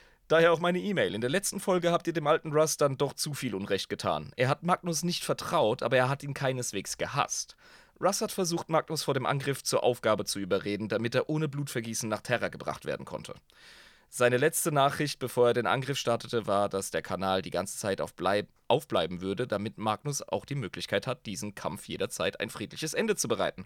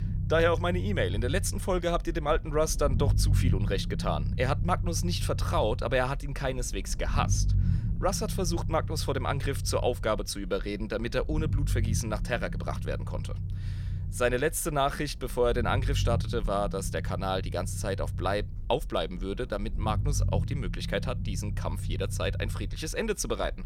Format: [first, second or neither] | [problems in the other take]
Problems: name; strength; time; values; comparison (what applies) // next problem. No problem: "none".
first | low rumble; noticeable; throughout; 15 dB below the speech